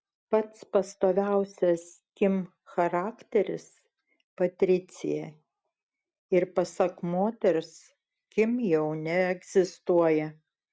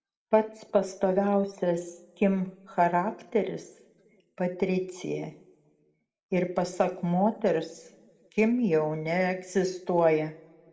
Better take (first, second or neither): first